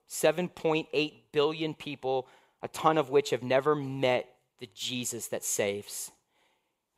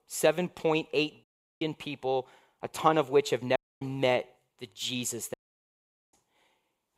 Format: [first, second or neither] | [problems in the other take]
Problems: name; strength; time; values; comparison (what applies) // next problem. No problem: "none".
first | audio cutting out; at 1 s, at 3.5 s and at 5.5 s for 1 s